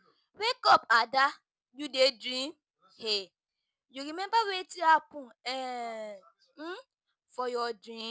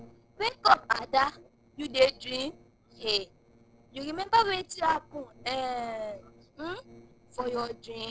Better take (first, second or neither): first